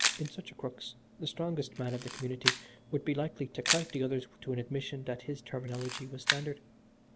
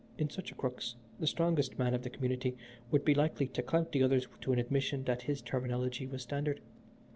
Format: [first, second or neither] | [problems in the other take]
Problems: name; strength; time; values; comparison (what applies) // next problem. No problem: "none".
second | background sound (Camera); 1 dB below the speech